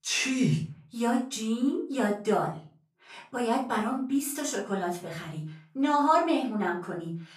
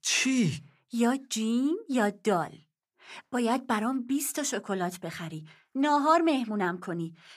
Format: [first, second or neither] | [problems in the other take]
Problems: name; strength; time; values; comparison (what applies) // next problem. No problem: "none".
second | off-mic speech; far // room echo; slight; dies away in 0.3 s